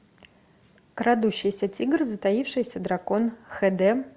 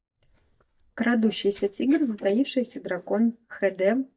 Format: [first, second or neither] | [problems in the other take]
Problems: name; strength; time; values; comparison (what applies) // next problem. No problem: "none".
first | noise reduction (neural mask model DeepFilterNet 3)